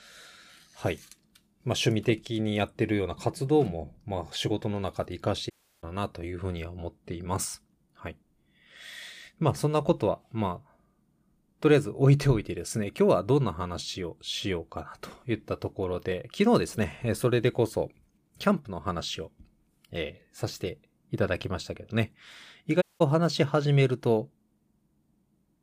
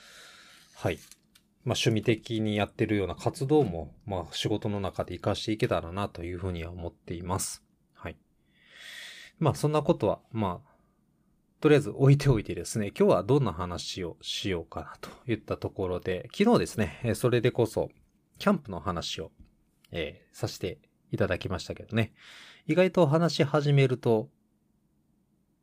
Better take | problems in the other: second | audio cutting out; at 5.5 s and at 23 s

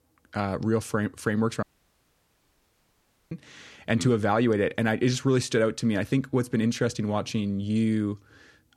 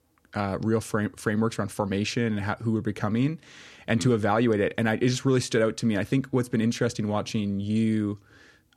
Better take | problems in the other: second | audio cutting out; at 1.5 s for 1.5 s

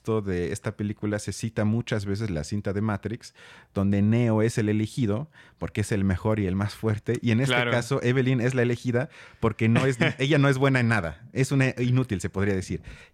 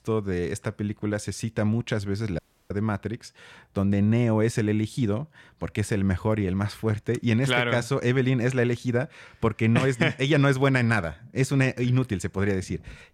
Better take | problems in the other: first | audio cutting out; at 2.5 s

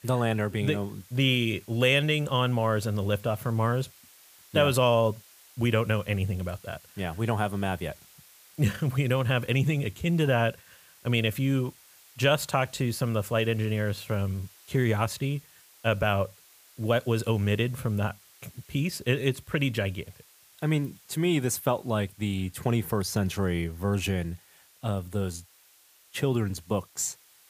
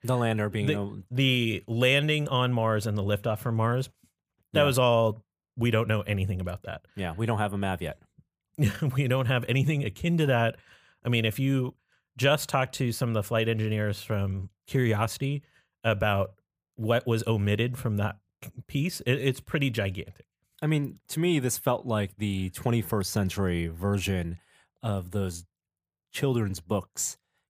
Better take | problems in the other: second | hiss; faint; throughout; 25 dB below the speech

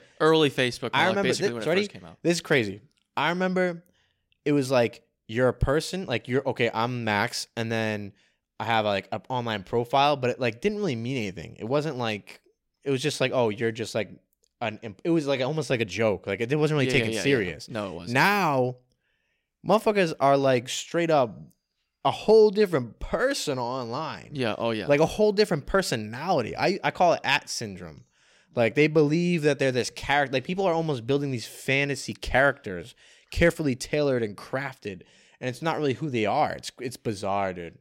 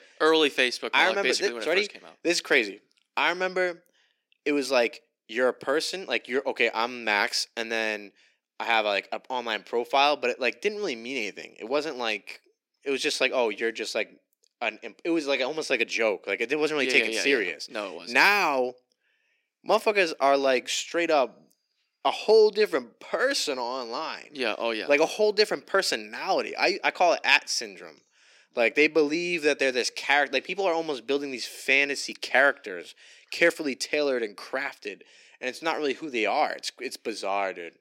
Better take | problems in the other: first | thin; somewhat; fading below 300 Hz

